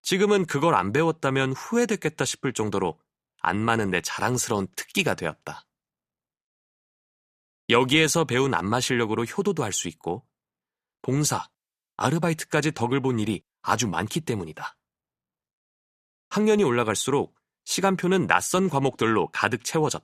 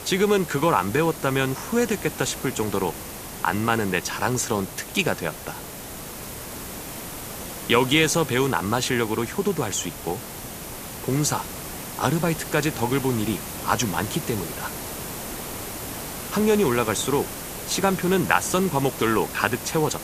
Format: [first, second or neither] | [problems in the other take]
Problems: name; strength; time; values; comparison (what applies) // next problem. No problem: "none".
first | hiss; loud; throughout; 10 dB below the speech